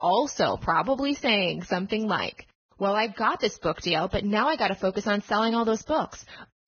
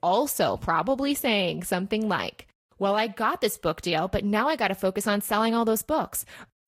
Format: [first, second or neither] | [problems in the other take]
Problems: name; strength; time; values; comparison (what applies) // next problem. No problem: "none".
second | garbled, watery; badly; nothing above 6.5 kHz; slightly in the second